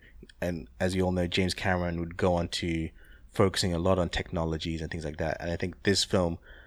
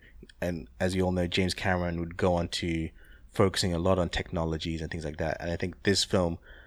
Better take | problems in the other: neither | none

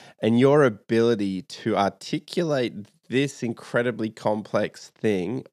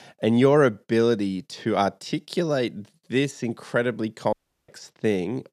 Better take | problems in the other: first | audio cutting out; at 4.5 s

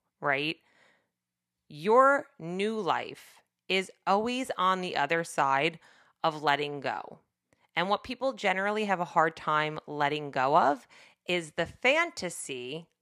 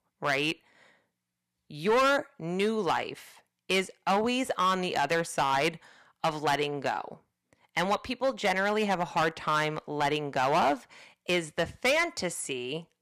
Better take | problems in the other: first | distortion; heavy; 6% of the sound clipped

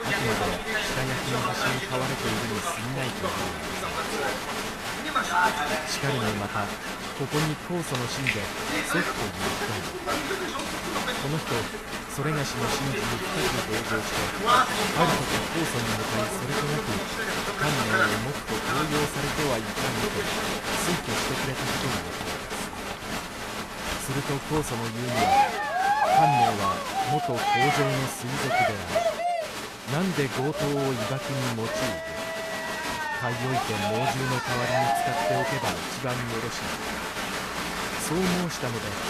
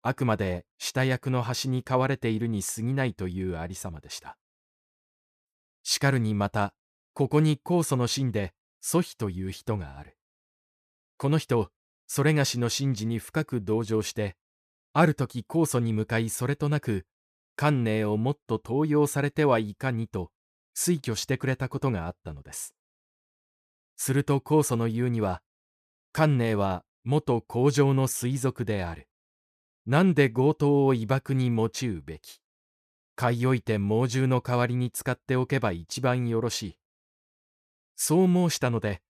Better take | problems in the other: second | crowd noise; very loud; throughout; 5 dB above the speech

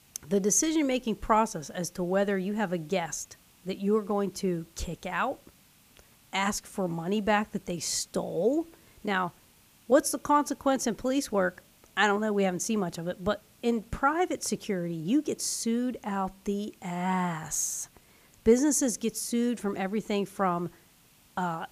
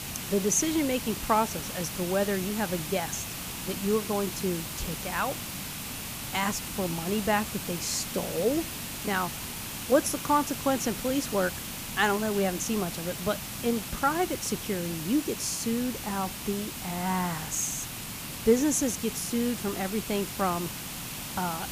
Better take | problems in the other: first | hiss; loud; throughout; 5 dB below the speech; faint in the first

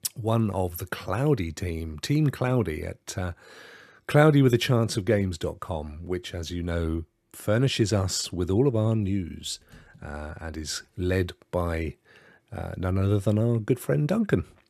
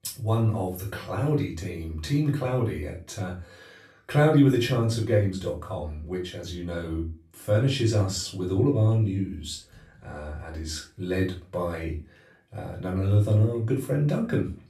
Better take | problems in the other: first | room echo; slight; dies away in 0.3 s // off-mic speech; far

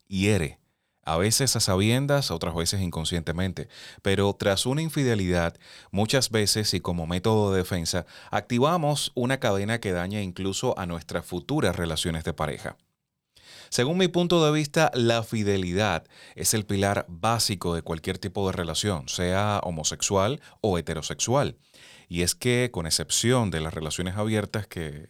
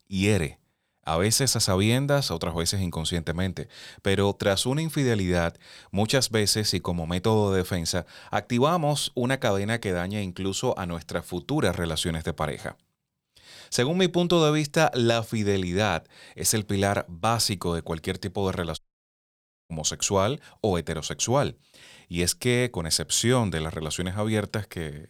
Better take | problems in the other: first | audio cutting out; at 19 s for 1 s

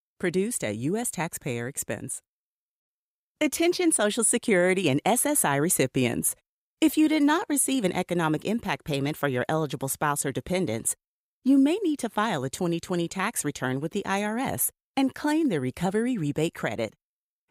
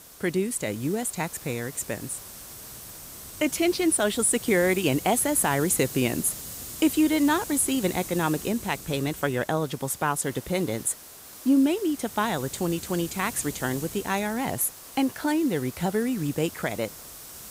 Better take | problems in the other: first | hiss; noticeable; throughout; 10 dB below the speech

